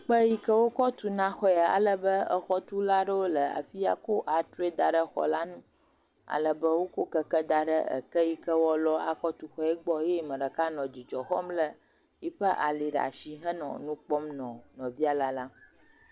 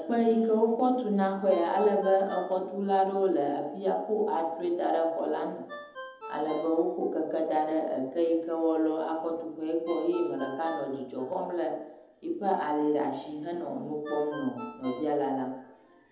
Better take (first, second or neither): first